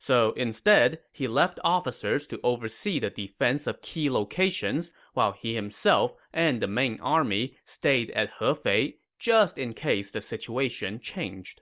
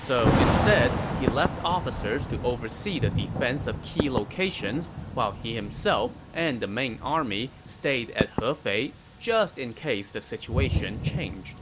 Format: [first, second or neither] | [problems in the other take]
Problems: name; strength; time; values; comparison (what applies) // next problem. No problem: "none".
first | background sound (Knock / Wood + Thunder / Rain); 1 dB below the speech